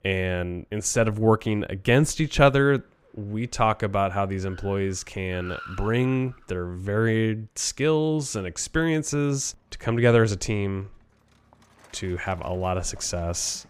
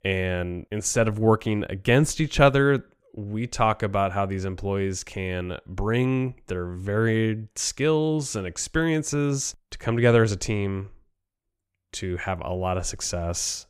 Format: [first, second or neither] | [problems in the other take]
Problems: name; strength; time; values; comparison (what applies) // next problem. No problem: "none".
second | traffic noise; faint; throughout; 20 dB below the speech